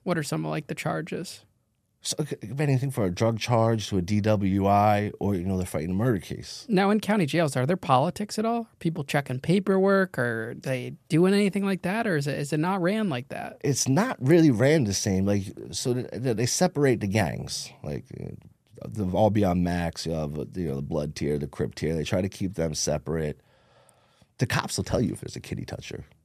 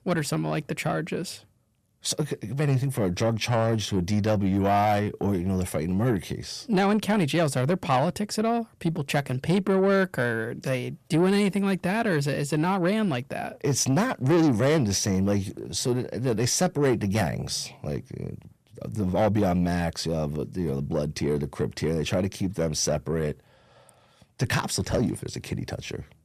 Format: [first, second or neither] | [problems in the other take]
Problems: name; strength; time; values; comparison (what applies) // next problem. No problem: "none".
first | distortion; slight; 10 dB below the speech